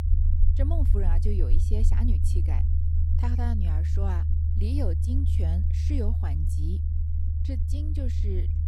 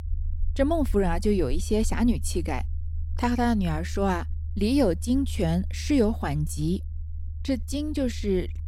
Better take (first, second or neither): second